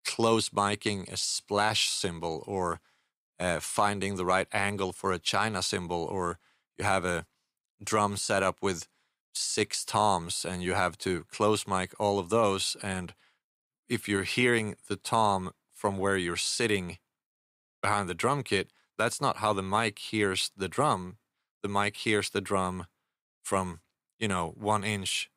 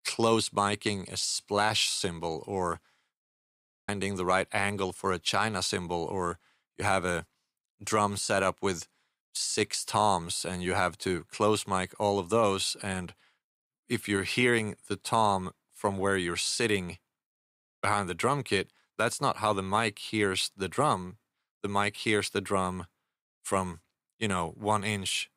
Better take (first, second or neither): first